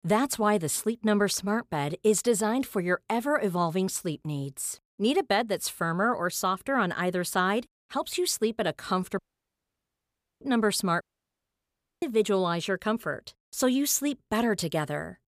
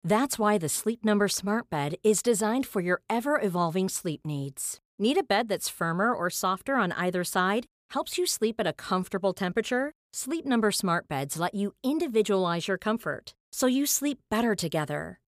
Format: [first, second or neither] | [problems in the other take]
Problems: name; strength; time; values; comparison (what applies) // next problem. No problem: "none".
second | audio cutting out; at 9 s for 1 s and at 11 s for 1 s